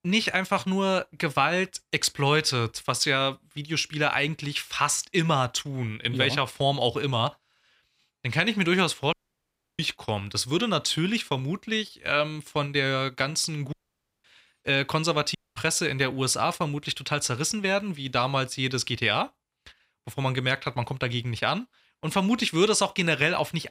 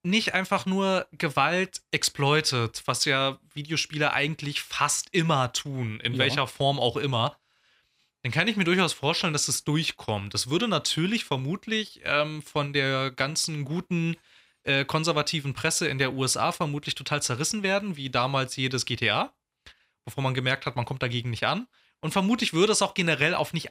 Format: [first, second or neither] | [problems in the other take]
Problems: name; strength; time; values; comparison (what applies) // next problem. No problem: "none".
second | audio cutting out; at 9 s for 0.5 s, at 14 s for 0.5 s and at 15 s